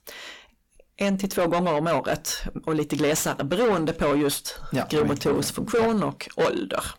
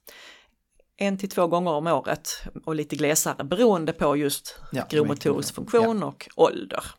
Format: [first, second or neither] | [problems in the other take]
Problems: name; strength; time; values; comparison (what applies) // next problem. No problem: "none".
second | distortion; heavy; 6 dB below the speech